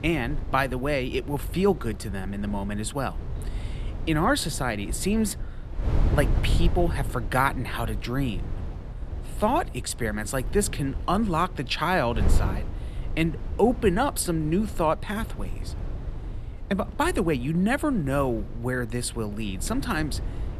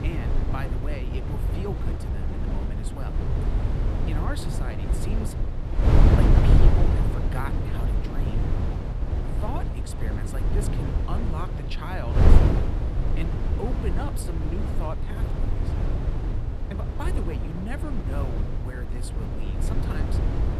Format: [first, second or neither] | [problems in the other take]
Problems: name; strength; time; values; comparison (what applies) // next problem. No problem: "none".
first | wind noise on the microphone; heavy; 3 dB above the speech; occasional gusts in the first